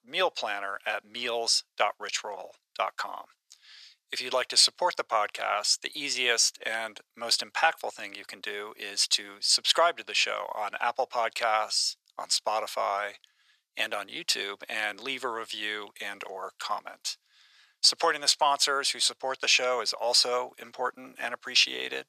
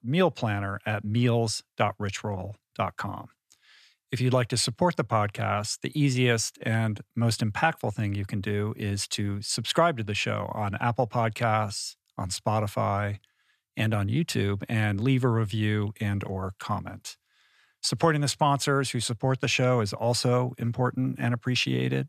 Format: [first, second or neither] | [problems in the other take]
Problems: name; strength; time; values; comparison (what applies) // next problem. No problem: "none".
second | thin; very; fading below 550 Hz